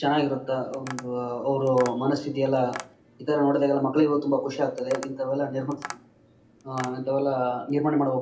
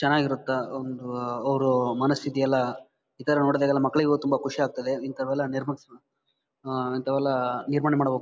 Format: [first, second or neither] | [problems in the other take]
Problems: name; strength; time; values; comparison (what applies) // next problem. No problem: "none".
second | background sound (Tap); 19 dB below the speech // room echo; dies away in 0.3 s